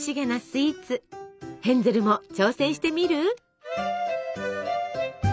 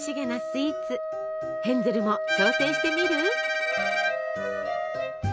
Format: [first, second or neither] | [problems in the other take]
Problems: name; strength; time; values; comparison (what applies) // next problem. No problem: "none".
first | background sound (Wind instrument, woodwind instrument + Bowed string instrument); 1 dB above the speech